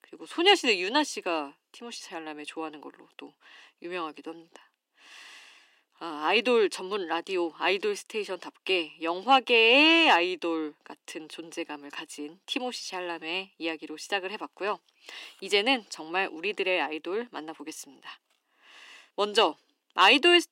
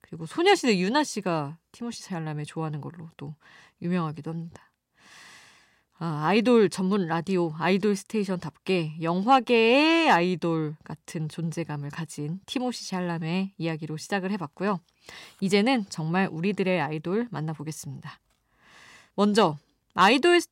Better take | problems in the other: second | thin; somewhat; fading below 300 Hz

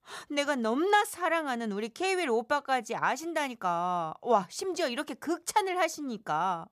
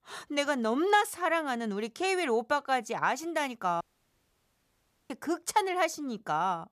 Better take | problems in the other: first | audio cutting out; at 4 s for 1.5 s

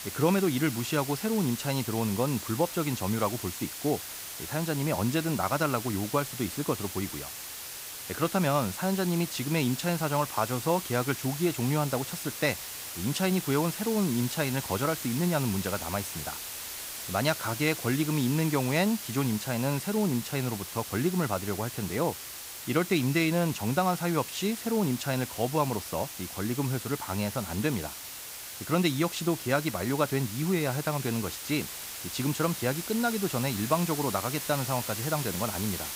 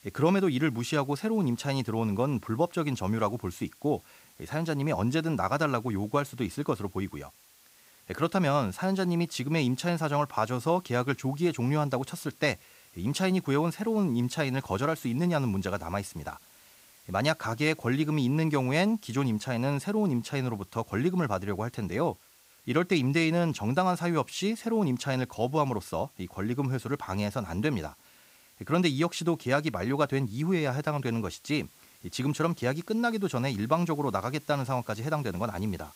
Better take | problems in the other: second | hiss; loud; throughout; 7 dB below the speech; faint in the second

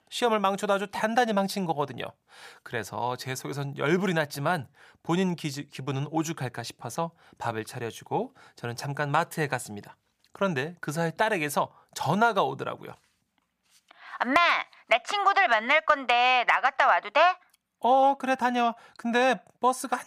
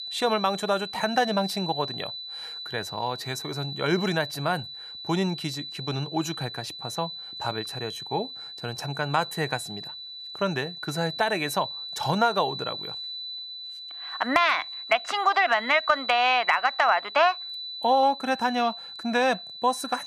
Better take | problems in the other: first | high-pitched whine; loud; throughout; 4 kHz, 9 dB below the speech

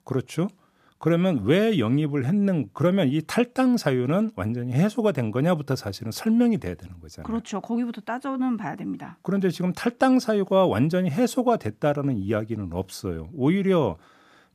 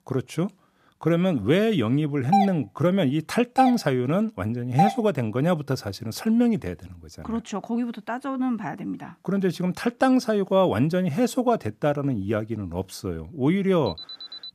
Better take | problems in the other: first | doorbell; loud; from 2.5 to 5 s; peak 1 dB above the speech // alarm; faint; at 14 s; peak 10 dB below the speech

